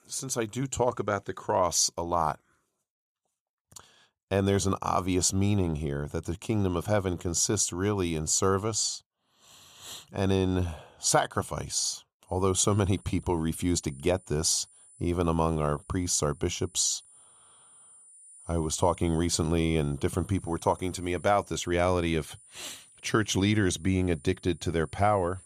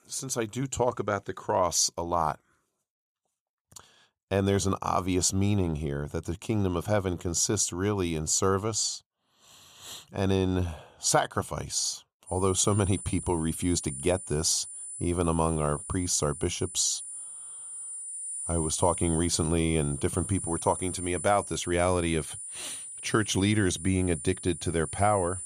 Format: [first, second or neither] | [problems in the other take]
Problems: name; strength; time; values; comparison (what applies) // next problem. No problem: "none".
first | high-pitched whine; loud; from 12 s on; 9.5 kHz, 8 dB below the speech; faint in the first